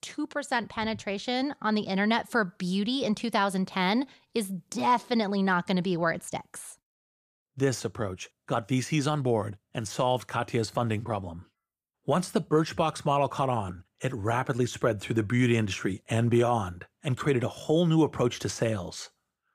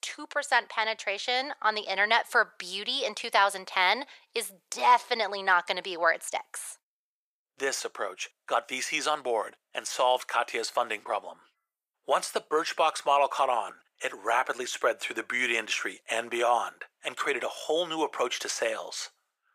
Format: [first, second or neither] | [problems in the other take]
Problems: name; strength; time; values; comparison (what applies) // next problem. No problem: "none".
first | thin; very; fading below 550 Hz